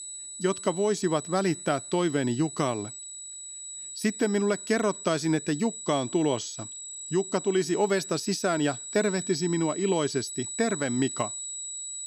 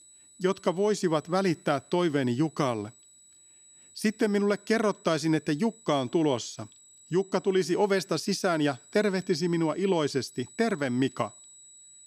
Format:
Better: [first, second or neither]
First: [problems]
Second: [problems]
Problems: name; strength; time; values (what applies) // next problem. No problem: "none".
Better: second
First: high-pitched whine; loud; throughout; 8 kHz, 9 dB below the speech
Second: high-pitched whine; faint; throughout; 8 kHz, 25 dB below the speech